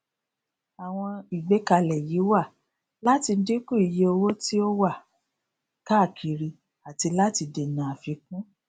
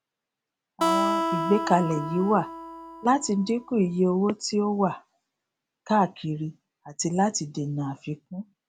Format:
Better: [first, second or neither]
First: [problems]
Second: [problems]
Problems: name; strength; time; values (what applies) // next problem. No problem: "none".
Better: first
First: none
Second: background sound (Acoustic guitar); 4 dB below the speech